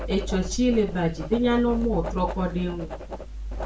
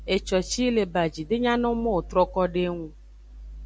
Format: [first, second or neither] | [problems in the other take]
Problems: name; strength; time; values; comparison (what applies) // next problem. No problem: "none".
second | background sound (Writing); 12 dB below the speech // room echo; dies away in 0.3 s